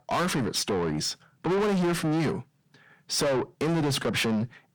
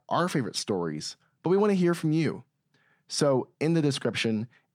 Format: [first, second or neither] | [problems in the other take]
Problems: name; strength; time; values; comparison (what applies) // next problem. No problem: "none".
second | distortion; heavy; 6 dB below the speech